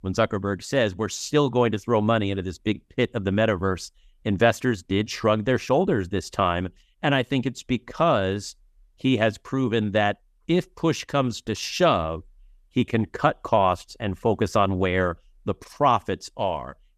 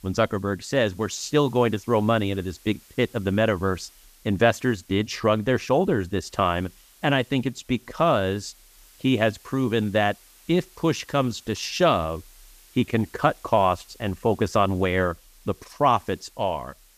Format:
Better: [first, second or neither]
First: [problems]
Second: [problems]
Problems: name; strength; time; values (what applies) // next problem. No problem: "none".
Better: first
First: none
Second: hiss; faint; throughout; 25 dB below the speech